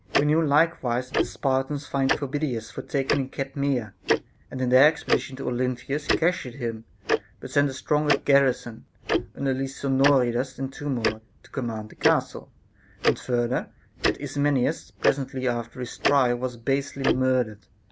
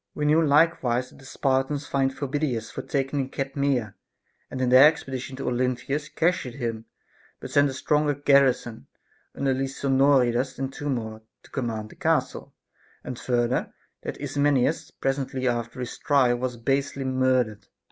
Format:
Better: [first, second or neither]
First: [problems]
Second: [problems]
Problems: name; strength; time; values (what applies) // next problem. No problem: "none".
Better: second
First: background sound (Tick-tock); 5 dB below the speech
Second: none